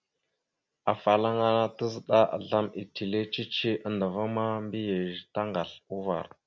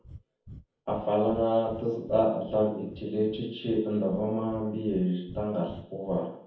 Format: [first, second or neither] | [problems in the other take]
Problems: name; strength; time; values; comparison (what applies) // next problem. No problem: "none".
first | background sound (Breathing); 19 dB below the speech // room echo; dies away in 0.7 s